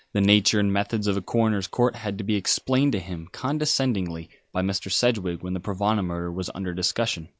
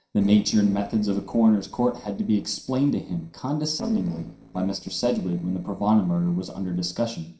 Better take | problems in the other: first | noise reduction (neural separator model SepFormer DNS4)

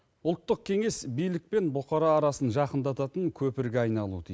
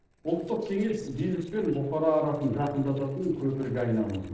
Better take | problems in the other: first | noise reduction (neural separator model SepFormer DNS4)

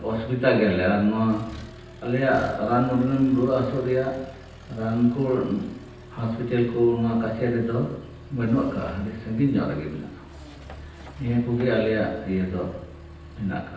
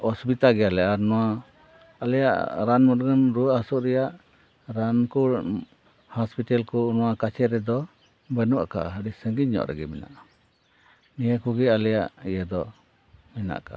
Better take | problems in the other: second | background sound (Accelerating, revving, vroom); 17 dB below the speech // room echo; dies away in 0.9 s

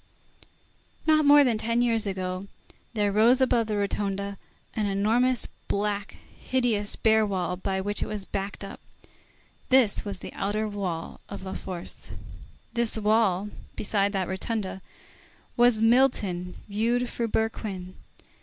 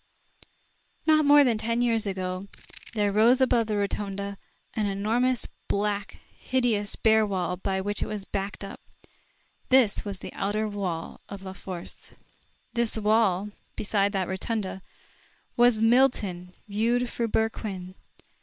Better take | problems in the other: first | noise reduction (neural separator model SepFormer WHAM!)

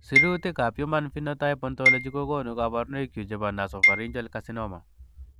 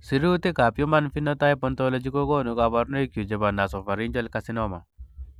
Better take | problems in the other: second | background sound (Marimba, xylophone); 2 dB above the speech

